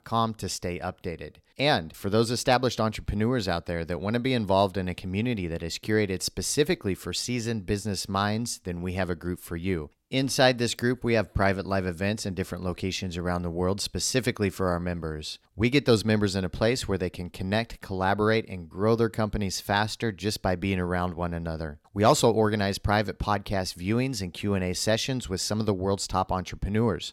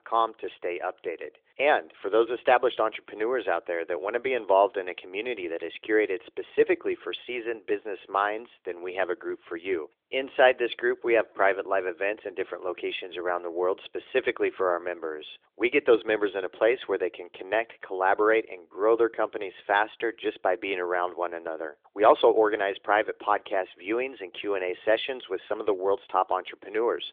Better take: first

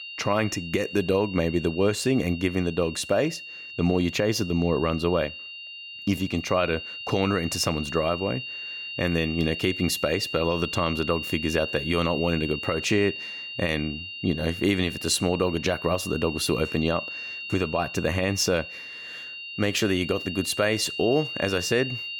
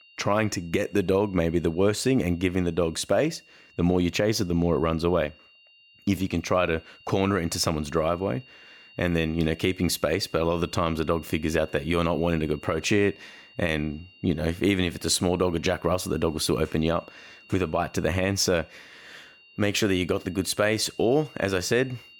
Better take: second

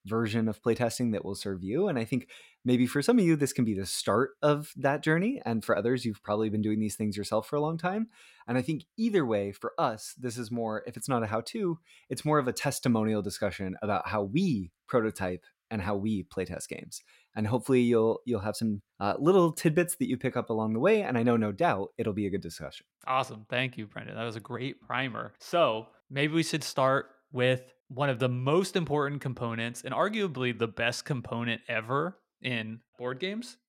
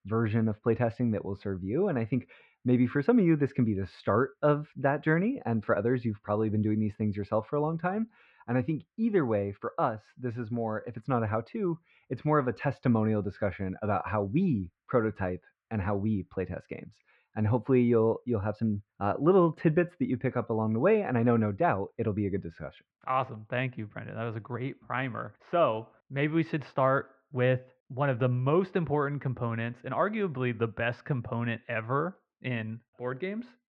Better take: first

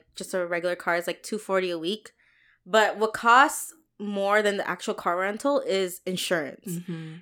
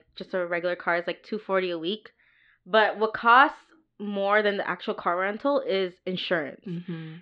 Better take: first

